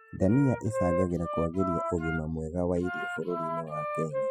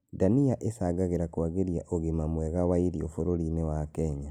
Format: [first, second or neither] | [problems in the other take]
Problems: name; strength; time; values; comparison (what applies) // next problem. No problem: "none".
second | noise reduction (classical method spectral subtraction)